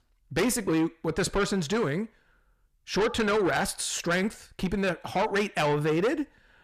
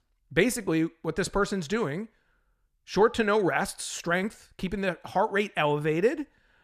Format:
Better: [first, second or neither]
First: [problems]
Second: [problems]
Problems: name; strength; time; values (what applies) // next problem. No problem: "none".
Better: second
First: distortion; heavy; 7 dB below the speech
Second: none